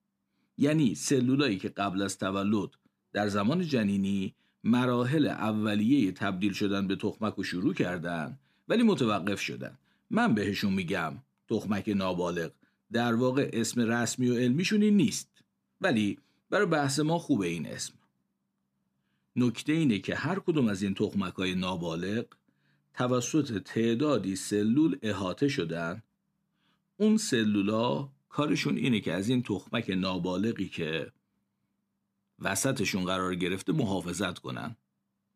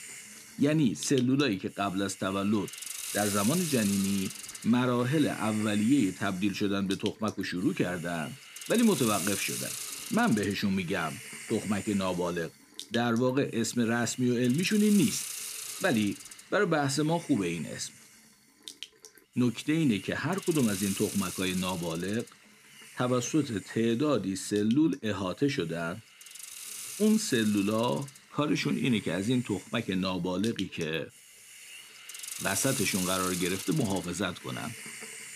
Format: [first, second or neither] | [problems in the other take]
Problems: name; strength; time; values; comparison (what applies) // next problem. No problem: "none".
first | hiss; loud; throughout; 9 dB below the speech